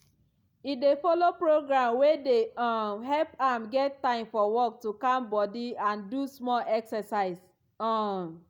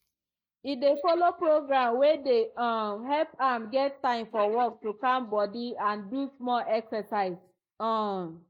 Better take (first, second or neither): first